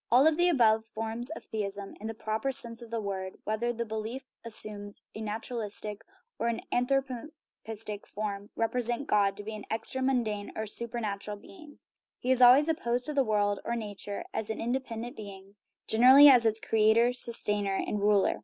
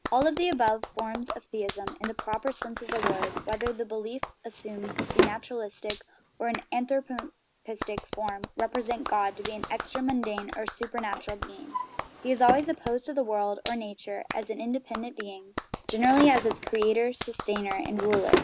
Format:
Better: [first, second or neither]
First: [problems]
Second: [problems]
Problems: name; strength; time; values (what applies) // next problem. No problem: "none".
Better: first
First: none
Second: background sound (Drawer open or close + Clapping); 5 dB below the speech